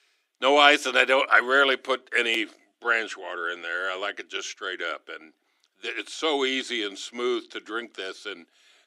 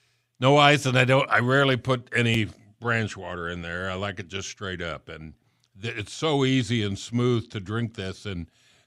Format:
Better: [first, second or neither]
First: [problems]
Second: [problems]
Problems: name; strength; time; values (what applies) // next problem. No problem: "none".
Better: second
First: thin; somewhat; fading below 300 Hz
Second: none